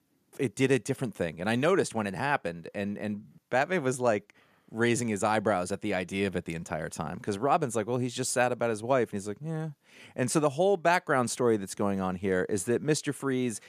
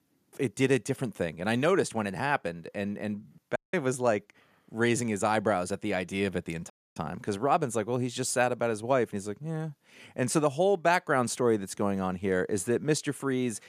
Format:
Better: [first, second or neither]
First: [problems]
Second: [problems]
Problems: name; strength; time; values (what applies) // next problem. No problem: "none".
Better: first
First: none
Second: audio cutting out; at 3.5 s and at 6.5 s